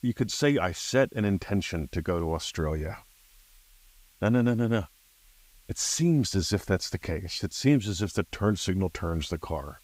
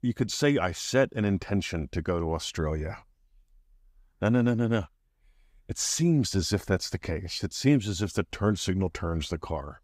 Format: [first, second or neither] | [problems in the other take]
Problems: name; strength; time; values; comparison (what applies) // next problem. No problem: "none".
second | hiss; faint; throughout; 30 dB below the speech